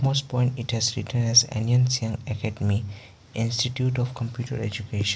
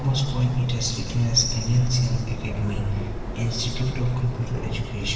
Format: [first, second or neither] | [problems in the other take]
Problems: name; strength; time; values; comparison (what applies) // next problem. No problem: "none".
first | background sound (Subway, metro, underground); 6 dB below the speech // room echo; dies away in 1.2 s